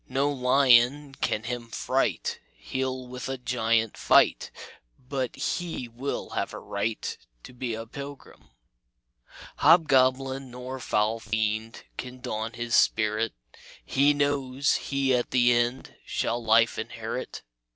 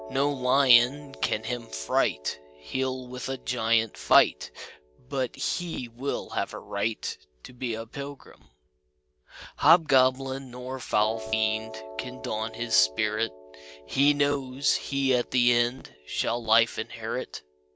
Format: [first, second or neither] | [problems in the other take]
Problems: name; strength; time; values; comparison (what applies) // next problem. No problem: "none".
first | background sound (Piano); 18 dB below the speech